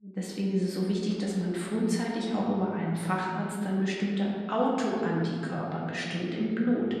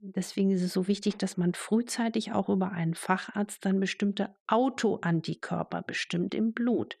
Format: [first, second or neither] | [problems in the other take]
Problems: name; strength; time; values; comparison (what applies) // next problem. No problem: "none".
second | room echo; noticeable; dies away in 1.9 s // off-mic speech; far